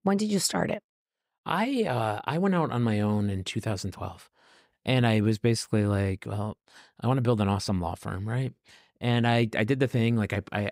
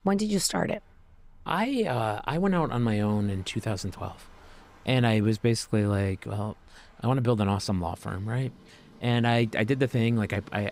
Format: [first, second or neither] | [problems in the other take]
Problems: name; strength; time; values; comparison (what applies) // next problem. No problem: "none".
first | rain or running water; faint; throughout; 25 dB below the speech